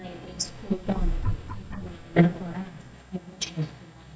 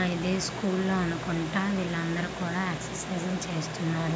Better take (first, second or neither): second